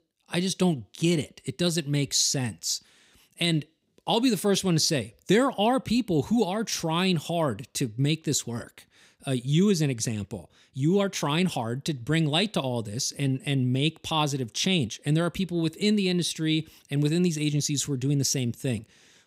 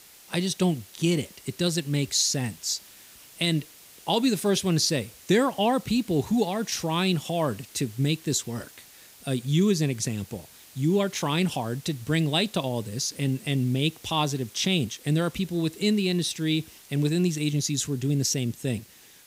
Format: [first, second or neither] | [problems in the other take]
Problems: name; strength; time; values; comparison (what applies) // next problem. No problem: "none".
first | hiss; faint; throughout; 20 dB below the speech